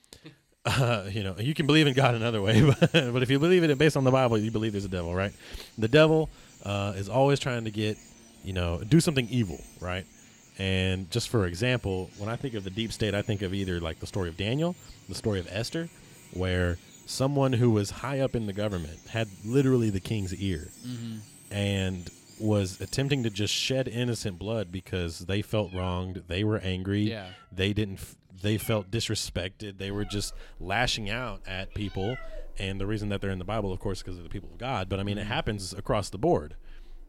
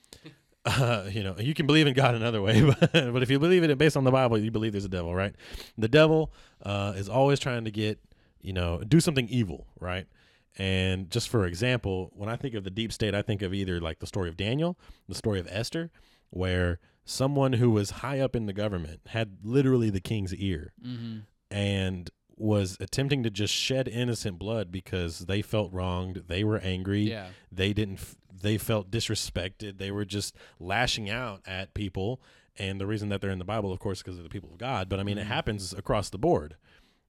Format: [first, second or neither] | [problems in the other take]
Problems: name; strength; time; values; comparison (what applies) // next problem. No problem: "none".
second | animal sounds; faint; throughout; 20 dB below the speech